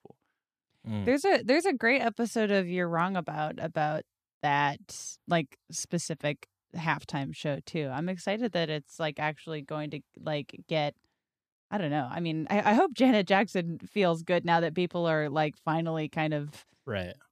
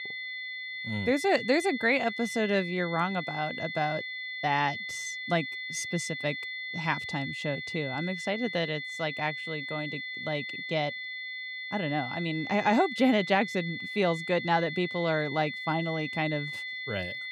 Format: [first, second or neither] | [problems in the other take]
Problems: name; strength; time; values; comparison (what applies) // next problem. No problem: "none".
first | high-pitched whine; loud; throughout; 2 kHz, 5 dB below the speech